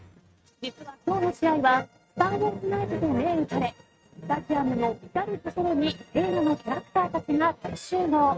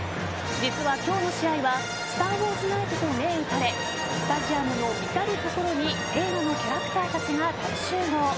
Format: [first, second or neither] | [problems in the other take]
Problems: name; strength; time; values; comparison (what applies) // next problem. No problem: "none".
second | noise reduction (neural mask model RNNoise)